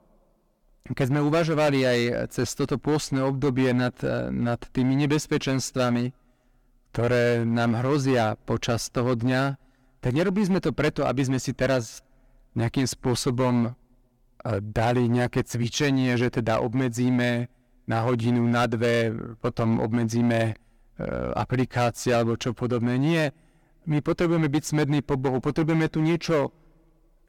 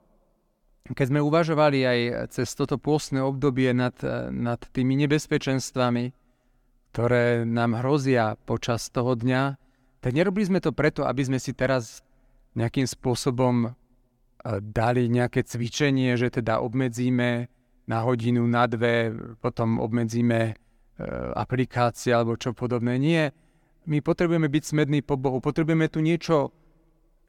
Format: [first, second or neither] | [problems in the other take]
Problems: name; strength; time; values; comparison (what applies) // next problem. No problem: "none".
second | distortion; slight; 9% of the sound clipped